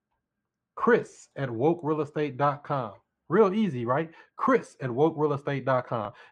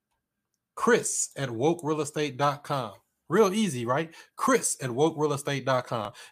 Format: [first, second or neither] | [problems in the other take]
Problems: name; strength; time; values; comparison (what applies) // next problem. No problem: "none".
second | muffled; very; fading above 2 kHz